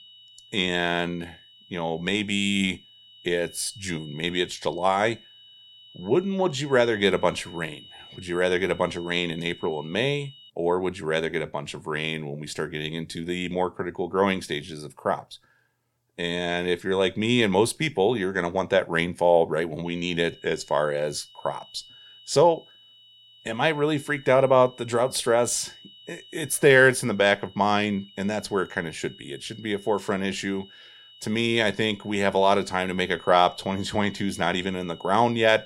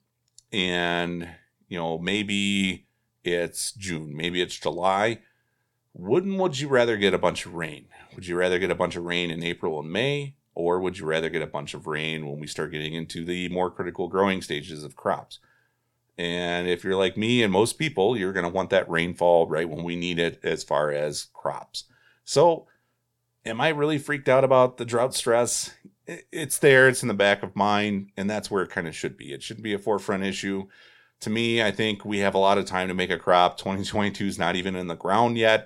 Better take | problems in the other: second | high-pitched whine; faint; until 11 s and from 20 s on; 3 kHz, 20 dB below the speech

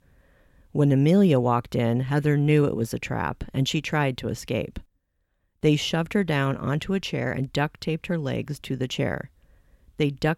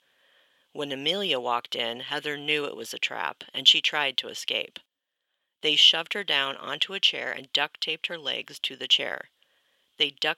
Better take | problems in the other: first | thin; very; fading below 550 Hz

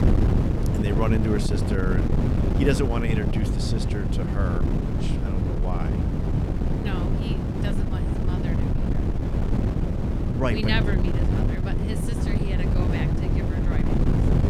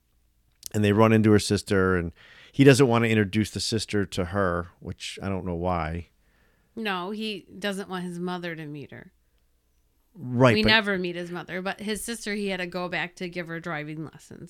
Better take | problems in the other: second | wind noise on the microphone; heavy; as loud as the speech

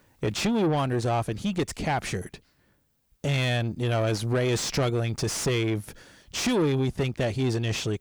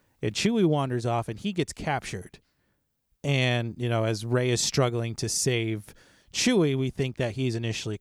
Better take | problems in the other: second | distortion; heavy; 6 dB below the speech

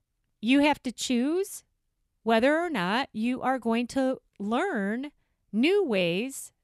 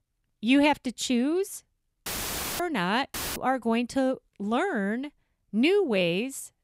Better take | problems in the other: first | audio cutting out; filled with static; at 2 s for 0.5 s and at 3 s

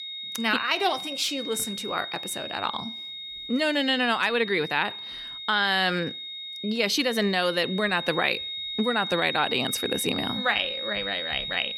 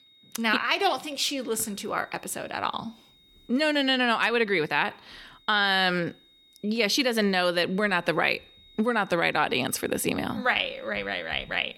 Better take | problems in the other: second | high-pitched whine; loud; throughout; 3.5 kHz, 6 dB below the speech; faint in the second

